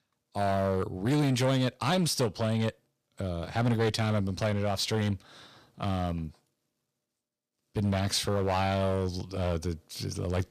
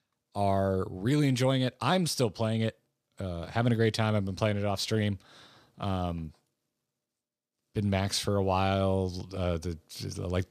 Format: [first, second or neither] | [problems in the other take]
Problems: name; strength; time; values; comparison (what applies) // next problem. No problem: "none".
second | distortion; slight; 7% of the sound clipped